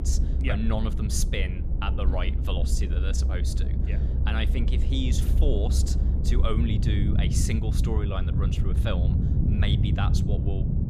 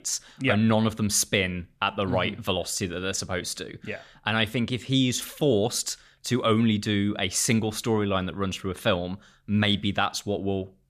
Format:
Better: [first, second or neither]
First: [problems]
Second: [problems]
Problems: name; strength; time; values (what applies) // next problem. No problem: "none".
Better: second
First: low rumble; loud; throughout; 5 dB below the speech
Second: none